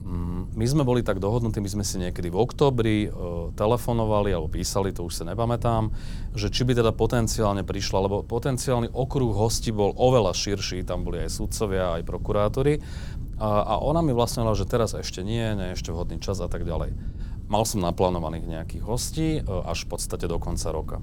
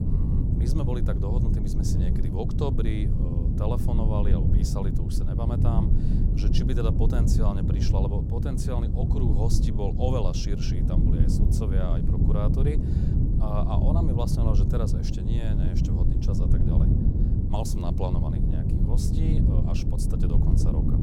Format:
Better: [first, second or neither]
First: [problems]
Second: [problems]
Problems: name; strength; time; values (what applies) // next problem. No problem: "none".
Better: first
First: low rumble; faint; throughout; 25 dB below the speech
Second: low rumble; loud; throughout; as loud as the speech